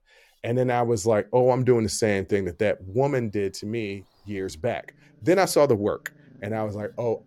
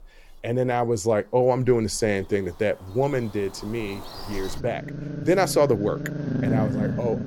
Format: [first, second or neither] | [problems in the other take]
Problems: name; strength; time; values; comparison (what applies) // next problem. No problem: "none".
first | animal sounds; loud; throughout; 5 dB below the speech; faint in the first